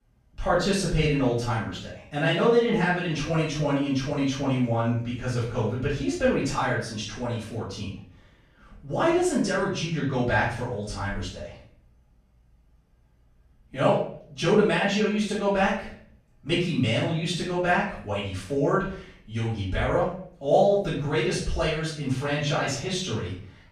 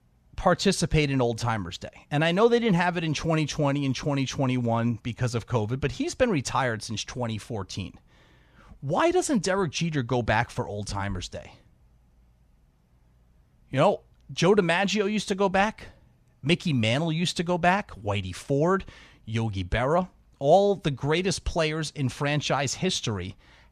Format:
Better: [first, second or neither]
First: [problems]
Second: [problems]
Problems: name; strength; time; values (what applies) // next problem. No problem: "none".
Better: second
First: room echo; noticeable; dies away in 0.5 s // off-mic speech; far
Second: none